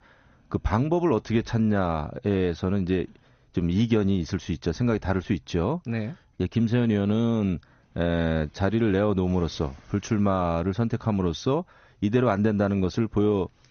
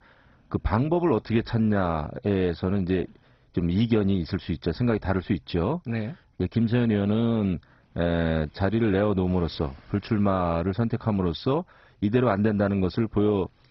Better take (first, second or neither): first